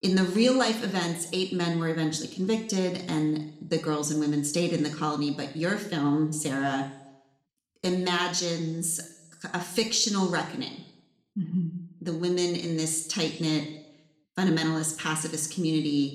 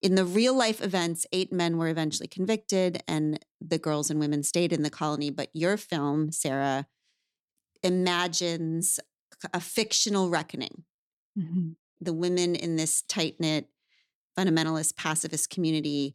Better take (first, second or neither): second